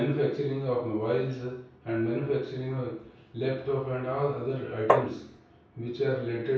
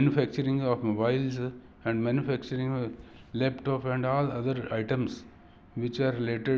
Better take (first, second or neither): second